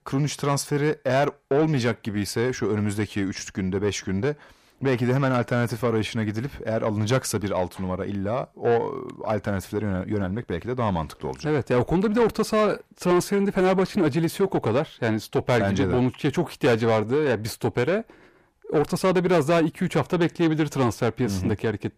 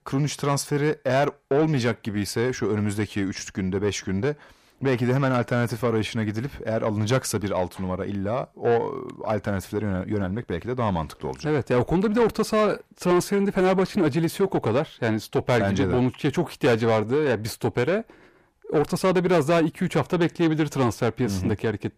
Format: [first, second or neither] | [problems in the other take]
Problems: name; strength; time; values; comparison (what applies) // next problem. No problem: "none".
neither | distortion; slight; 10 dB below the speech; the same in both